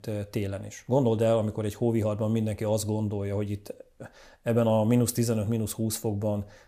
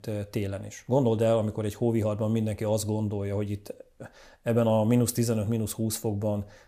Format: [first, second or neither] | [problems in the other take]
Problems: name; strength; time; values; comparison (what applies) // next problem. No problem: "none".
neither | none